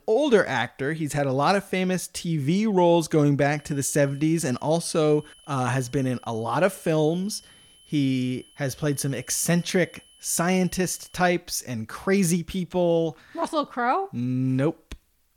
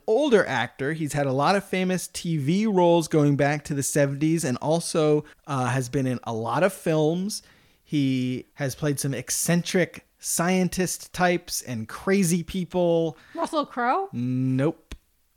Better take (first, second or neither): second